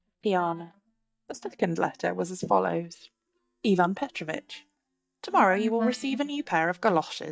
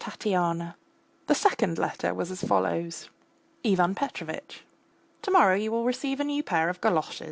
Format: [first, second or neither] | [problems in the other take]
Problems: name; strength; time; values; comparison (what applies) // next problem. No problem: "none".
second | noise reduction (neural mask model DeepFilterNet 3)